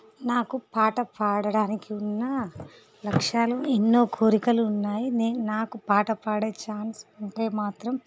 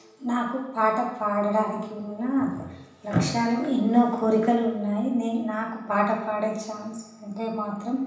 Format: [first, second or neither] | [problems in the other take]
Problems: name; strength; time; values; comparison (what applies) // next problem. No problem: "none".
first | room echo; dies away in 0.9 s